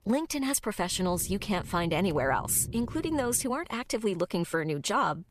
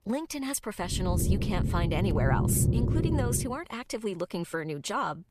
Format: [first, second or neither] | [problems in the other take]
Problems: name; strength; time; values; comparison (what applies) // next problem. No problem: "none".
first | low rumble; loud; from 1 to 3.5 s; 5 dB below the speech; faint in the first